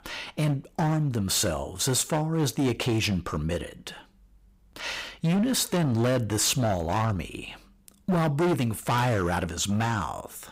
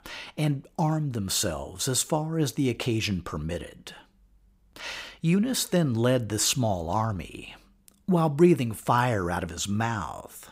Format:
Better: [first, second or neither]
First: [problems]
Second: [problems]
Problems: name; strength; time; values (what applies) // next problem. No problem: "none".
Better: second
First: distortion; heavy; 13% of the sound clipped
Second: none